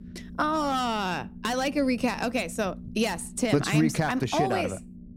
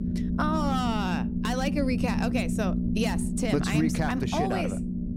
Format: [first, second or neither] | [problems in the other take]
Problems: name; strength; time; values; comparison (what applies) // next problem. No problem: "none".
first | low rumble; loud; throughout; 6 dB below the speech; faint in the first